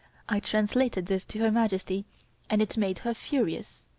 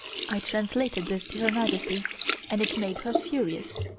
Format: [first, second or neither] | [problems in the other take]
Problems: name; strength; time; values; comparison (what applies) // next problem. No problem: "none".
first | background sound (Sink (filling or washing)); 3 dB below the speech // room echo; dies away in 0.3 s